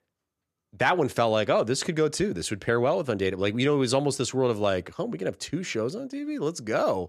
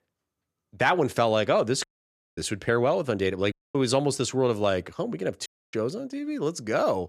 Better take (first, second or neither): first